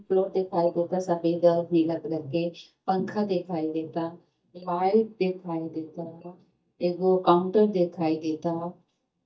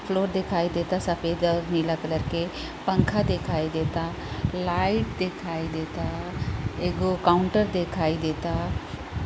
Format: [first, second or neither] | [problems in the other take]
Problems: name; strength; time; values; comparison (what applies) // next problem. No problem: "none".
second | noise reduction (neural mask model DeepFilterNet 3)